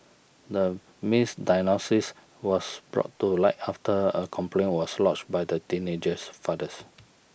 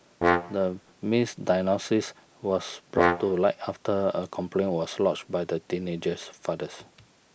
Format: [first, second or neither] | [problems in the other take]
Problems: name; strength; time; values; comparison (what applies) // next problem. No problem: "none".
first | background sound (Brass instrument); 1 dB below the speech